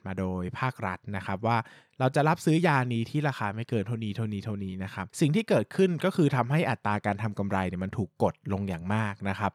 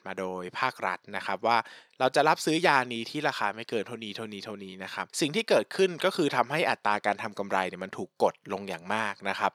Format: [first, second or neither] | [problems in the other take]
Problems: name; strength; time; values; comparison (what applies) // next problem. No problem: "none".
first | thin; somewhat; fading below 400 Hz